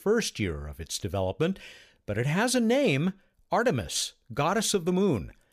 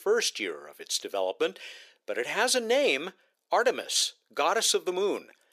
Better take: first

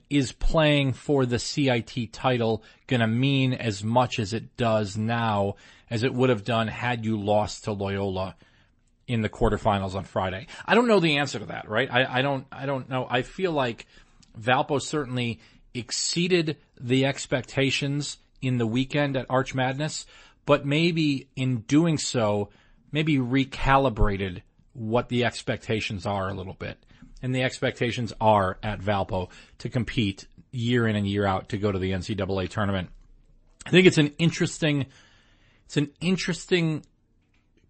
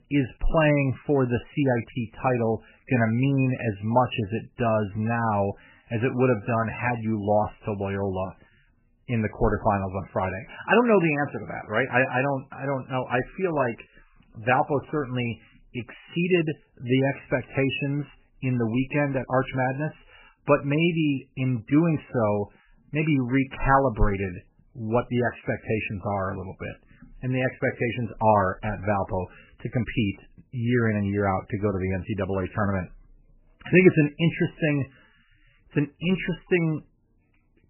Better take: first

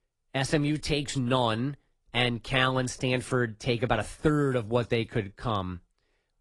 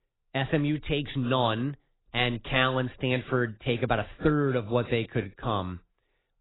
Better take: first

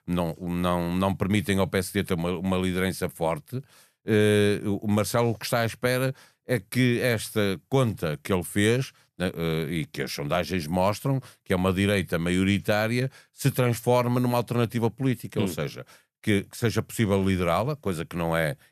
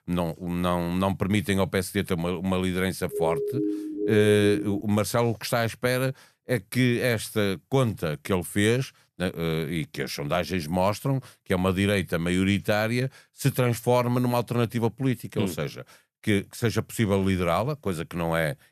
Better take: first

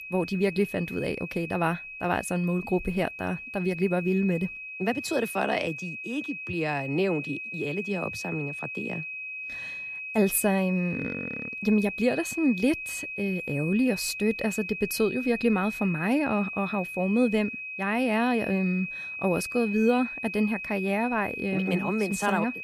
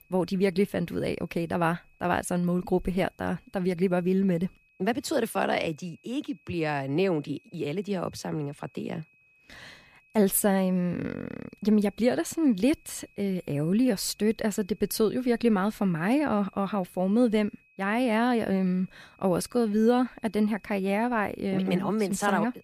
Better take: second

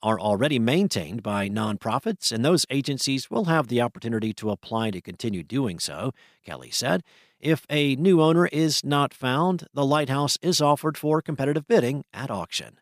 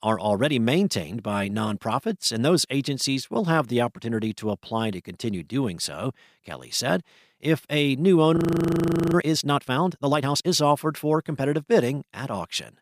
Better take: first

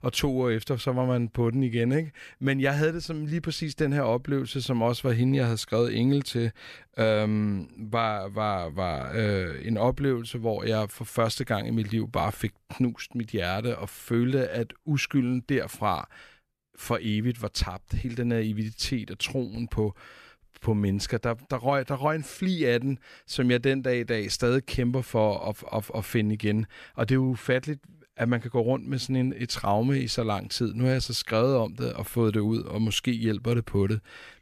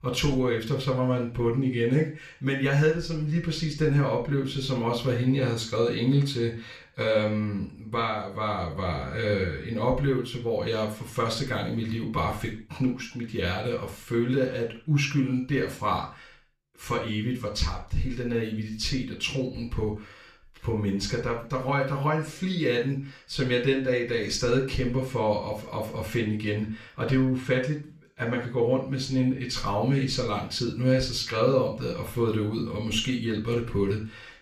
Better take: first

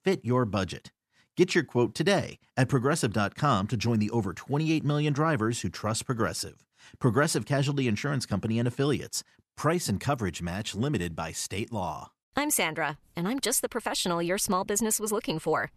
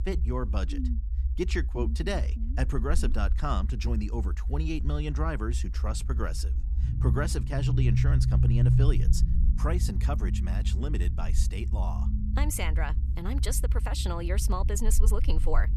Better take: first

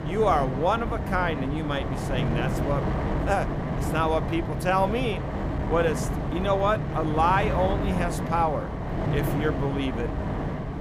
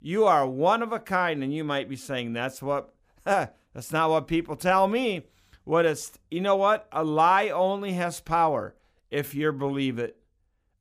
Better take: second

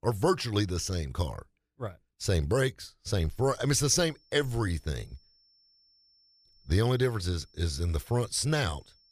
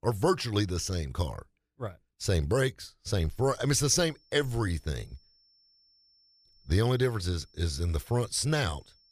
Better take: neither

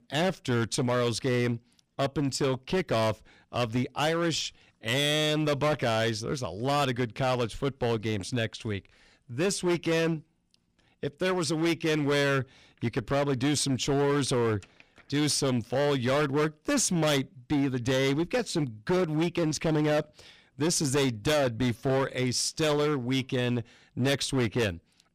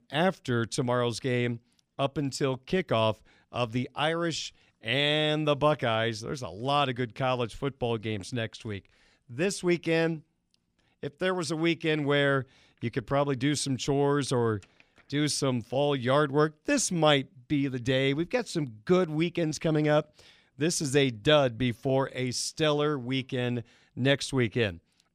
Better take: second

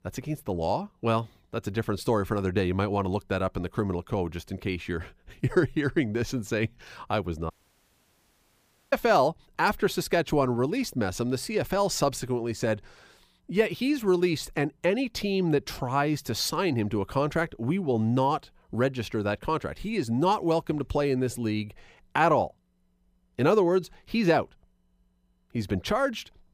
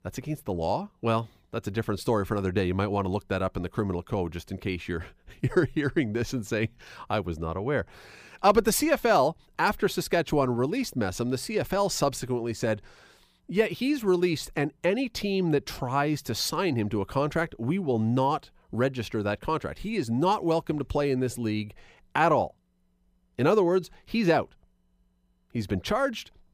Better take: second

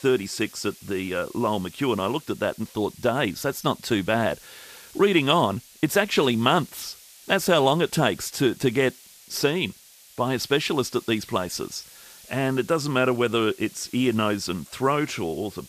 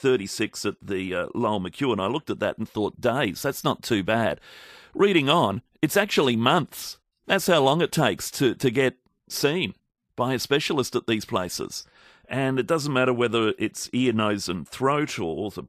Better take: second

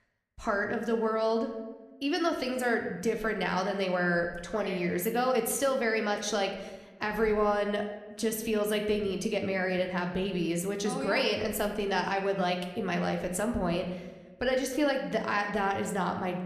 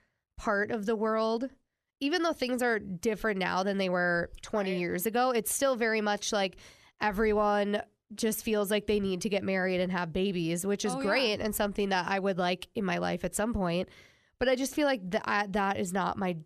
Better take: second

